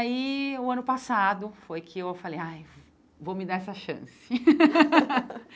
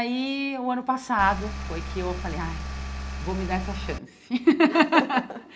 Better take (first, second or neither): first